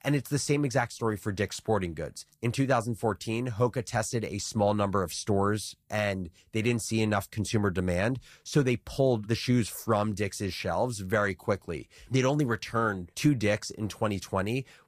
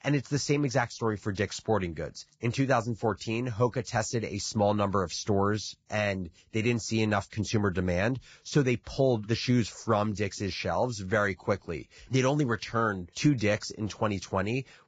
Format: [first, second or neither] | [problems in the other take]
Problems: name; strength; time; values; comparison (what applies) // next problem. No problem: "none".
first | garbled, watery; badly; nothing above 7.5 kHz; slightly in the first